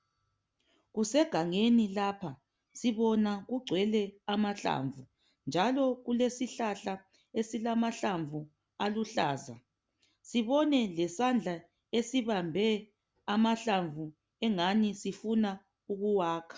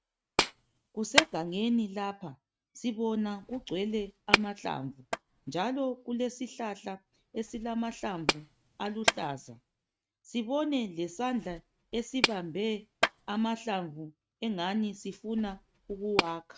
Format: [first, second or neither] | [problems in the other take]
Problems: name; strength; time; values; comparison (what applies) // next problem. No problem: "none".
first | noise reduction (neural mask model RNNoise)